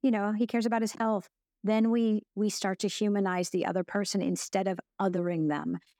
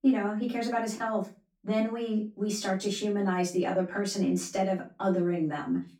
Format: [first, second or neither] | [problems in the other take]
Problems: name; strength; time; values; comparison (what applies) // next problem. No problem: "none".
first | room echo; slight; dies away in 0.3 s // off-mic speech; far